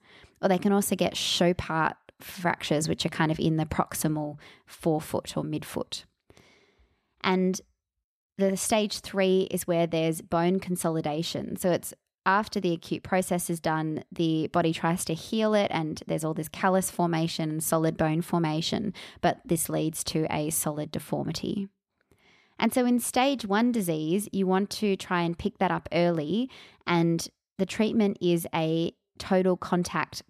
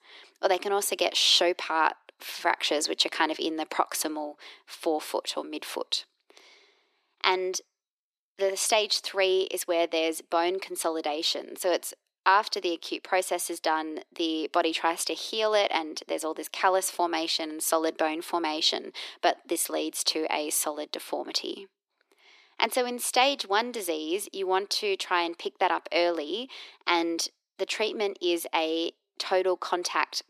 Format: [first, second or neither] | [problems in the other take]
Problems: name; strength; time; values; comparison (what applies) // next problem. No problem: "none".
first | thin; very; fading below 300 Hz